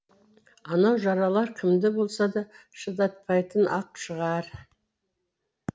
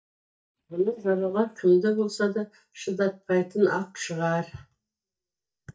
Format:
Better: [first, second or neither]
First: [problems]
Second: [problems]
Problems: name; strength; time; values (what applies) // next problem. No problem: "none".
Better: first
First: none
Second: noise reduction (neural mask model DeepFilterNet 3)